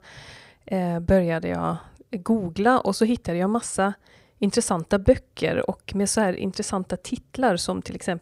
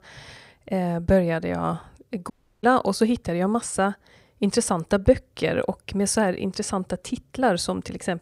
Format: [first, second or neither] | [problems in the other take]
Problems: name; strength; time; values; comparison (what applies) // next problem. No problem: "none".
first | audio cutting out; at 2.5 s